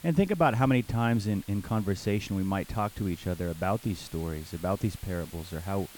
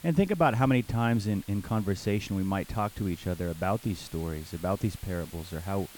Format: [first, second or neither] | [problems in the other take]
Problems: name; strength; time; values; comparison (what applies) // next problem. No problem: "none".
neither | hiss; noticeable; throughout; 20 dB below the speech; the same in both